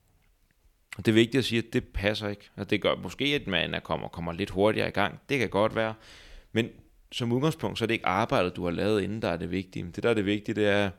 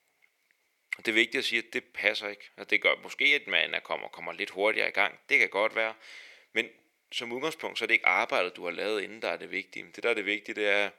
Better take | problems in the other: first | thin; somewhat; fading below 500 Hz

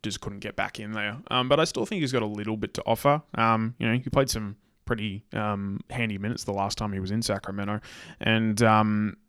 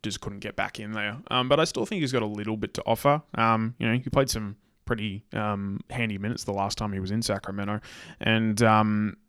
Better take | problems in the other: neither | none

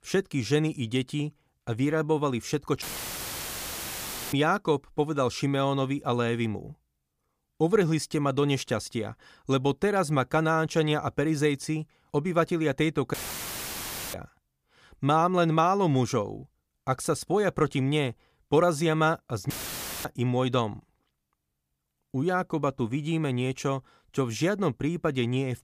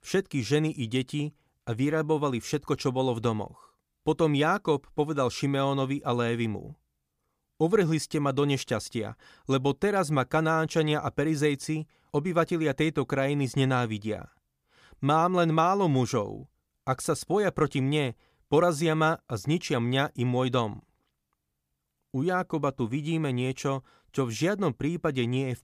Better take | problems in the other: second | audio cutting out; filled with static; at 3 s for 1.5 s, at 13 s for 1 s and at 20 s for 0.5 s

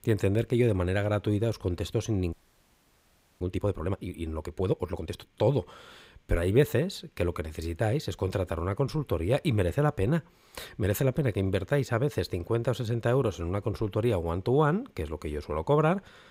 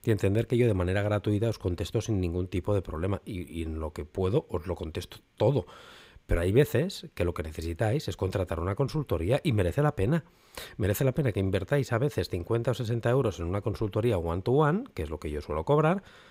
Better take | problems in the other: second | audio freezing; at 2.5 s for 1 s

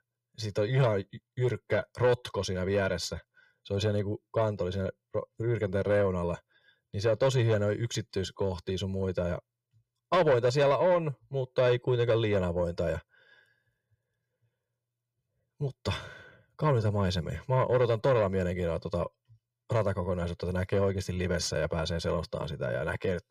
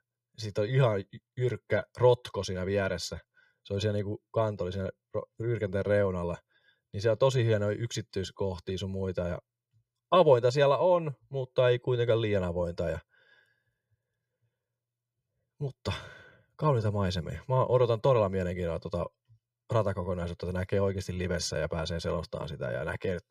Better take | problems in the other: second | distortion; slight; 10 dB below the speech

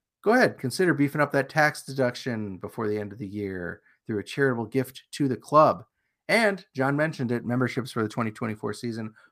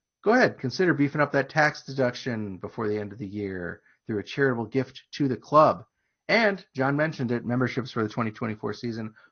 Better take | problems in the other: first | garbled, watery; slightly; nothing above 6 kHz

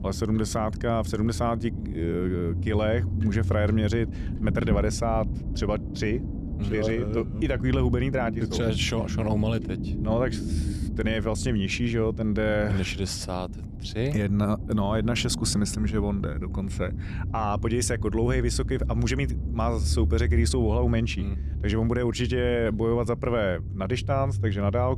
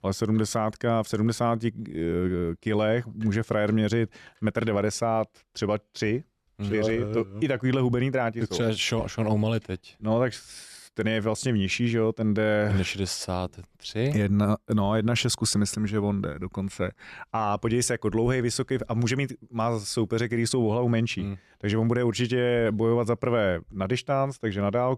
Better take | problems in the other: second | low rumble; noticeable; throughout; 15 dB below the speech

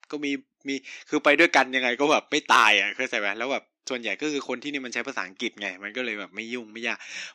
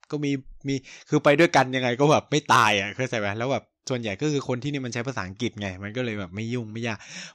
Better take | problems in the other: second | thin; very slightly; fading below 250 Hz

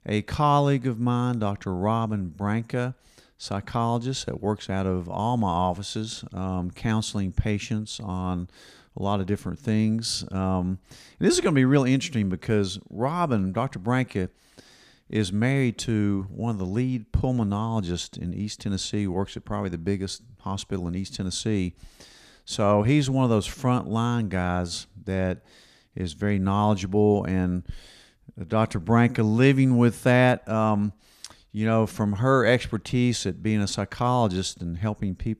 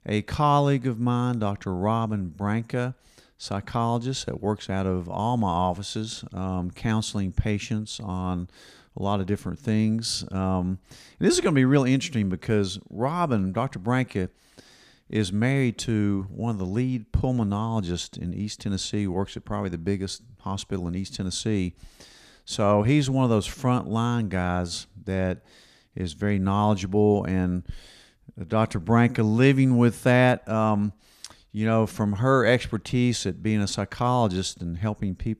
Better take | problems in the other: neither | none

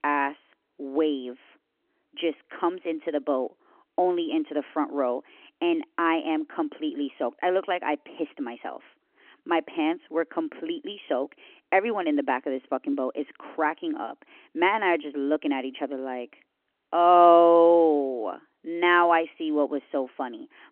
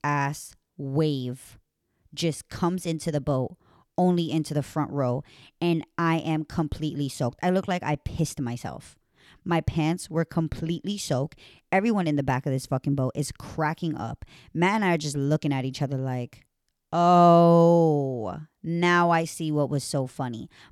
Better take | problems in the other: second | phone-call audio

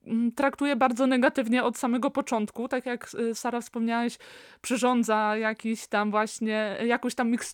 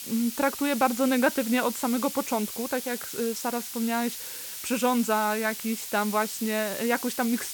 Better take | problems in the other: first | hiss; loud; throughout; 7 dB below the speech

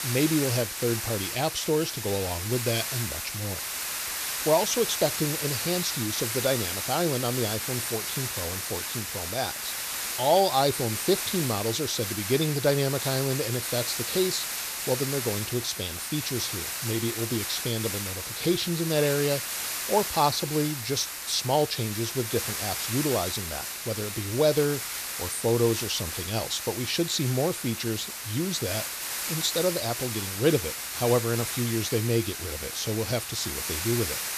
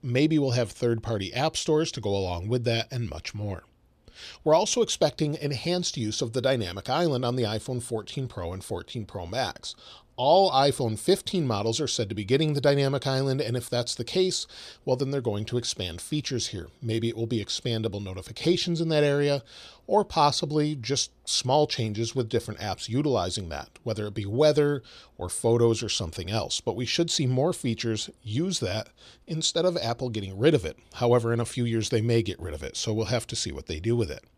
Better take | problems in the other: second | hiss; loud; throughout; 3 dB below the speech

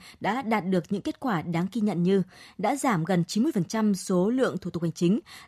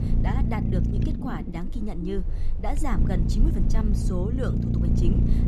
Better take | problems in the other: first | low rumble; loud; throughout; 1 dB below the speech

